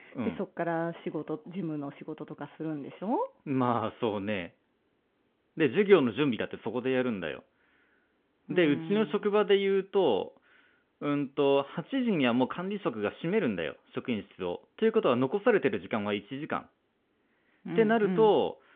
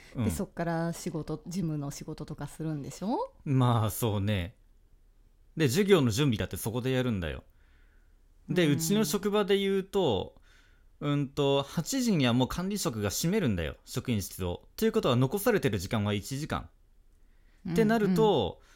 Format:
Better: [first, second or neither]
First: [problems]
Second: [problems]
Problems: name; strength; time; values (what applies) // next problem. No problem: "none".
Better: second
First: phone-call audio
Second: none